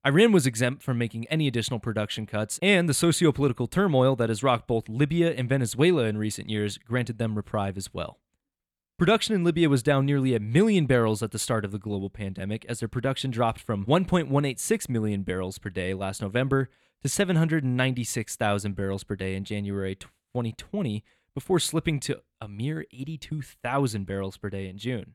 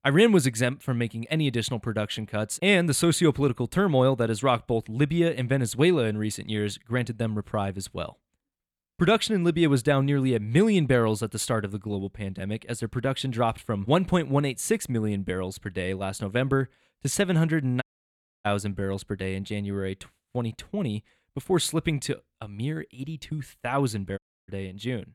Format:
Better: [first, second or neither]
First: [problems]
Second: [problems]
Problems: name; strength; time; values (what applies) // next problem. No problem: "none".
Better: first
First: none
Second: audio cutting out; at 18 s for 0.5 s and at 24 s